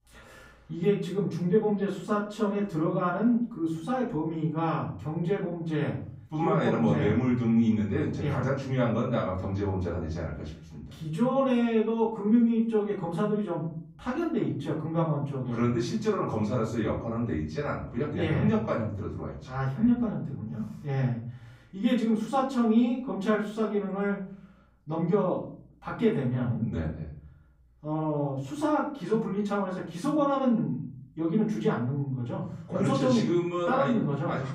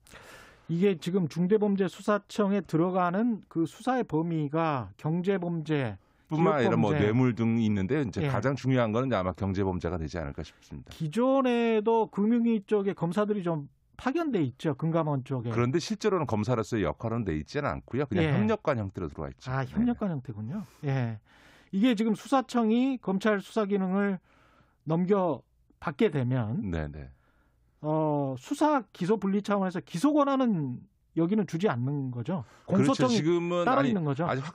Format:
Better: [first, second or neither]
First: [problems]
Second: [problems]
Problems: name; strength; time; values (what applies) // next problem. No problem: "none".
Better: second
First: off-mic speech; far // room echo; noticeable; dies away in 0.5 s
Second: none